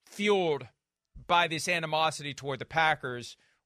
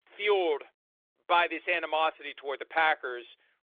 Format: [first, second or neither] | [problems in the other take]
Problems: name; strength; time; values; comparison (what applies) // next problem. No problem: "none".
first | phone-call audio; nothing above 3.5 kHz